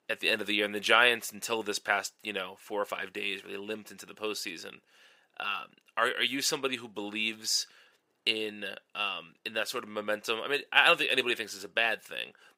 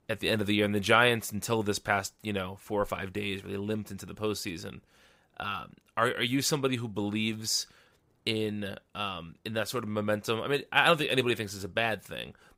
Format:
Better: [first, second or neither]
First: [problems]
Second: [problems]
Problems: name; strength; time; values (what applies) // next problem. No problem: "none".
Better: second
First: thin; somewhat; fading below 350 Hz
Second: none